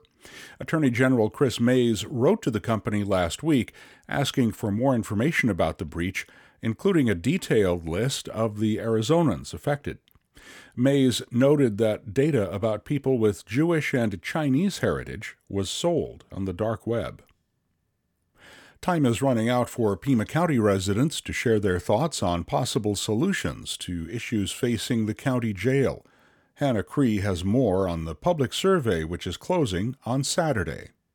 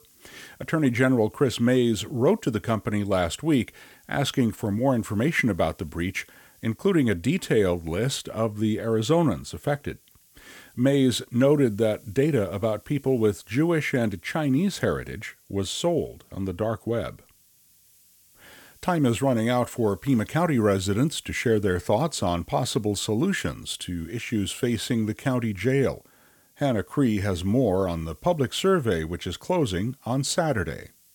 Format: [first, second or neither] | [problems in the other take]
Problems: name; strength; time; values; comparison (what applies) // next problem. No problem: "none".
first | hiss; faint; throughout; 30 dB below the speech